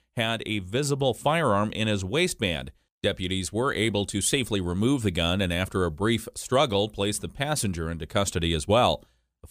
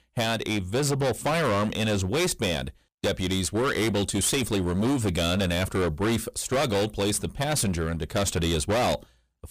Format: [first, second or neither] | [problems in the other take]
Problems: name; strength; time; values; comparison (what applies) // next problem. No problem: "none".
first | distortion; heavy; 21% of the sound clipped